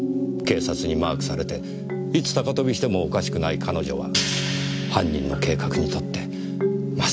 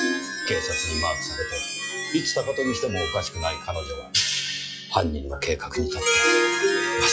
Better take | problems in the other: first | noise reduction (classical method log-MMSE)

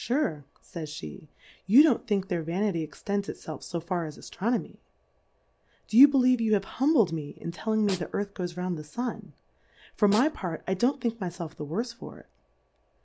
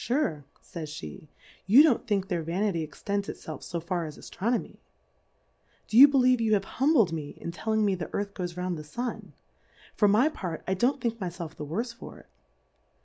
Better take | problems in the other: second | background sound (Snare drum); 16 dB below the speech

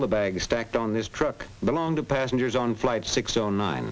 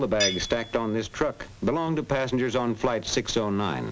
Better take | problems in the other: first | background sound (Tools); 11 dB below the speech

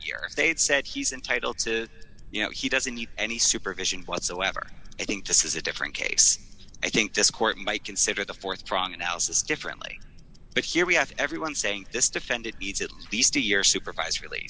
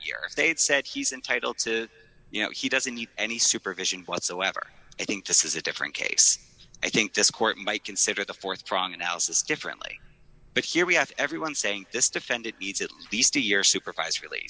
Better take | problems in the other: second | background sound (Tick-tock); 14 dB below the speech

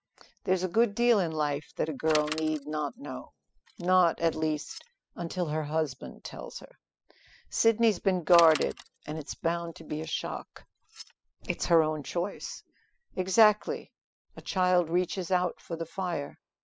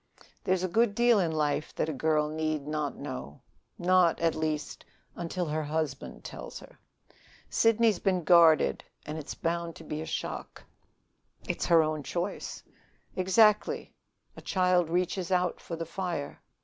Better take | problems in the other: second | noise reduction (classical method spectral subtraction)

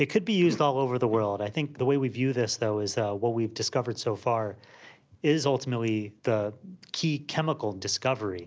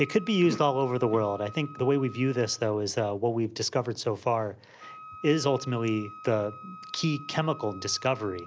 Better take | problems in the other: first | background sound (Wind instrument, woodwind instrument); 18 dB below the speech

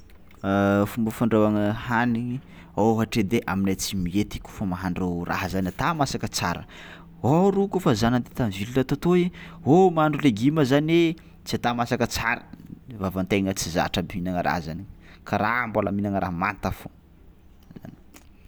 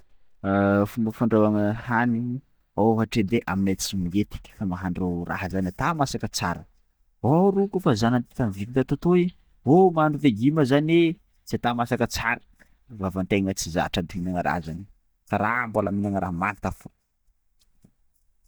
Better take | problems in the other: first | noise reduction (neural mask model DeepFilterNet 3)

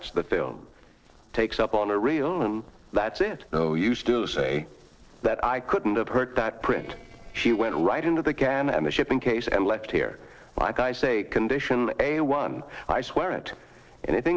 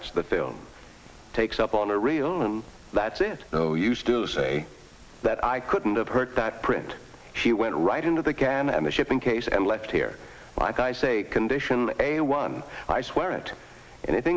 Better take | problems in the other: second | noise reduction (neural separator model SepFormer DNS4)

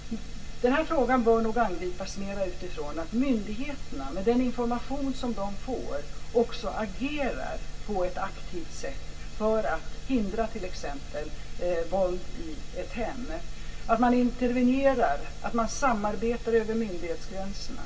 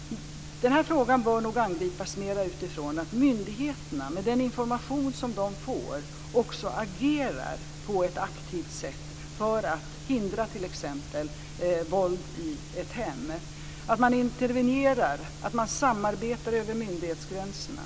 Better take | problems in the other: second | room echo; dies away in 0.1 s

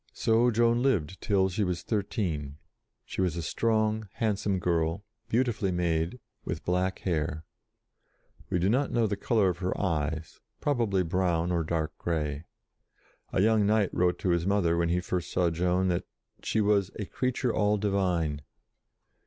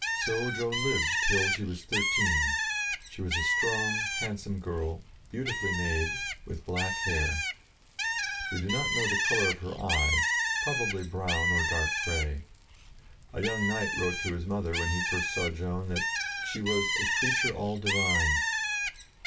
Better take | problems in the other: first | background sound (Bird); 2 dB above the speech // room echo; dies away in 0.2 s

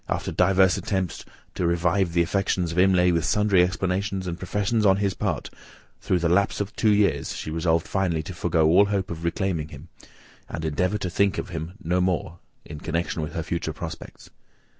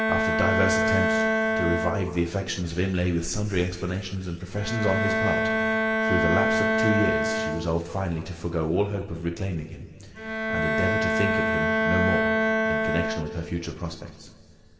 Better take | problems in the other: first | background sound (Bowed string instrument); 2 dB above the speech // room echo; dies away in 2.1 s

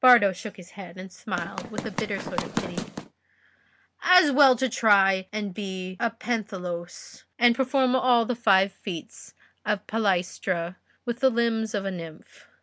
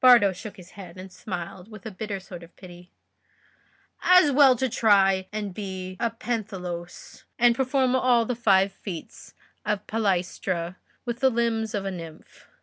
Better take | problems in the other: second | background sound (Run); 7 dB below the speech

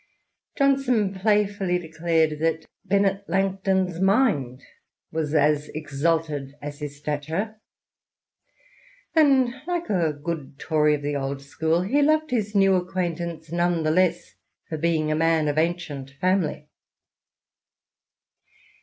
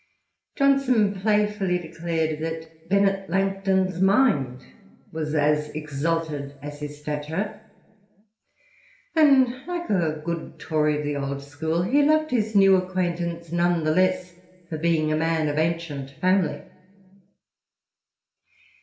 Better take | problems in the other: first | room echo; dies away in 1.6 s

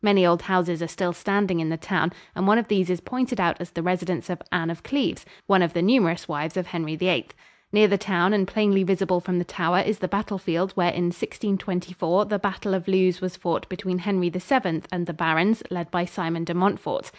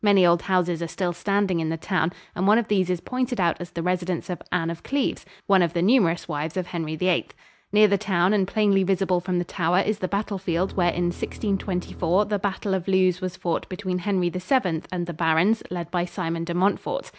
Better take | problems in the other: first | background sound (Bowed string instrument); 16 dB below the speech

